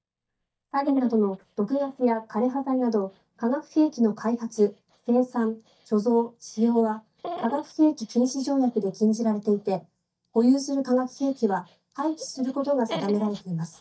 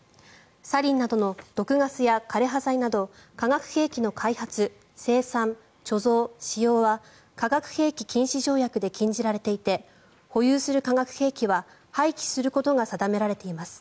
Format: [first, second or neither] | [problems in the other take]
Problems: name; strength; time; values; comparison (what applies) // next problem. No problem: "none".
second | noise reduction (neural mask model DeepFilterNet 3)